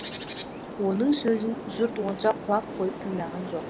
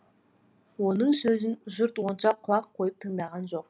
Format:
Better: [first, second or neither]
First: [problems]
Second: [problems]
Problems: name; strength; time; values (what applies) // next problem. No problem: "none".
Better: second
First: background sound (Bird); 9 dB below the speech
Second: none